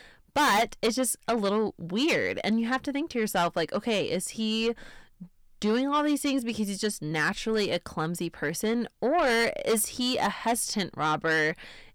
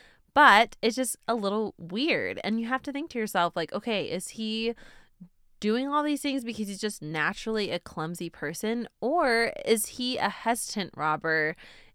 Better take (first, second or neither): second